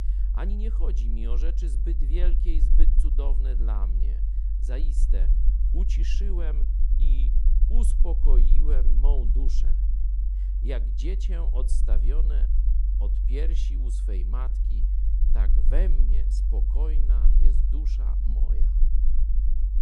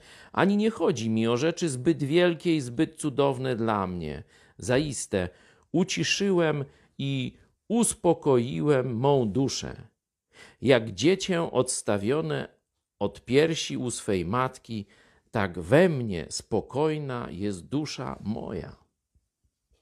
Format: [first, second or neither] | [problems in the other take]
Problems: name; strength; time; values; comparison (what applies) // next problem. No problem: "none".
second | low rumble; loud; throughout; 5 dB below the speech